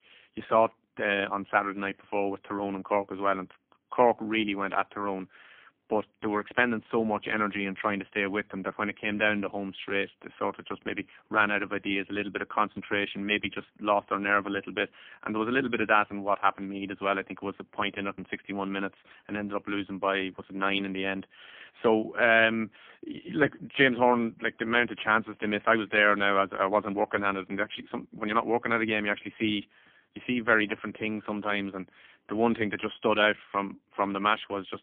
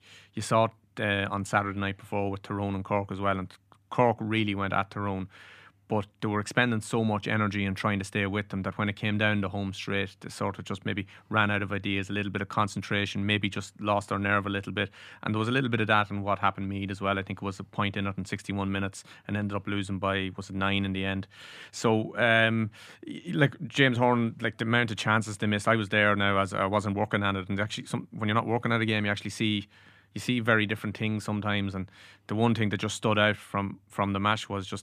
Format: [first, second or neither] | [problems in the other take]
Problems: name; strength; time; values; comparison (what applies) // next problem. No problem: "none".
second | phone-call audio; poor line; nothing above 3.5 kHz